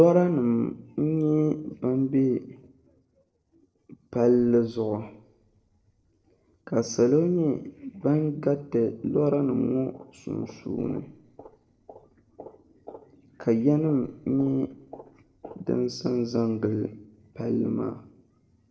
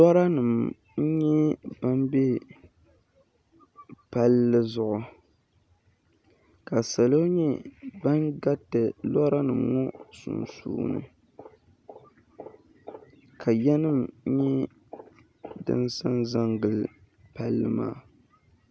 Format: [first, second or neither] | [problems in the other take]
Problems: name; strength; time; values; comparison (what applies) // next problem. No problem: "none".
second | noise reduction (neural separator model SepFormer DNS4)